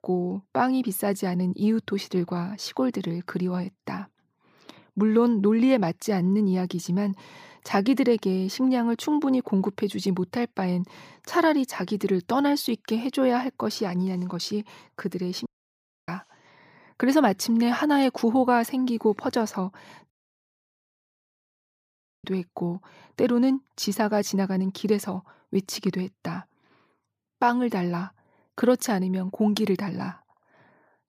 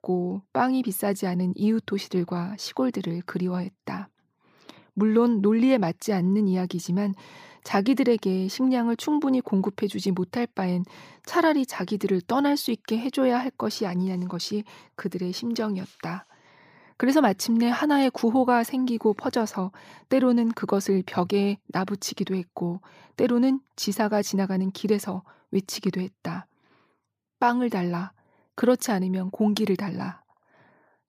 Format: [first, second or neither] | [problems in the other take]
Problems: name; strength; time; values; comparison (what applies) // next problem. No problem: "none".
second | audio cutting out; at 15 s for 0.5 s and at 20 s for 2 s